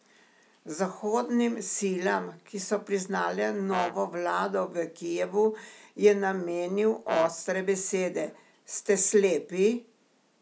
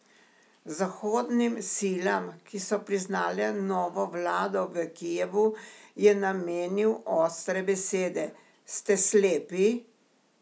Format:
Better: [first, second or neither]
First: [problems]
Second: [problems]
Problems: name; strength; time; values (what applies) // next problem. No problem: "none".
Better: second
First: background sound (Brass instrument); 11 dB below the speech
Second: none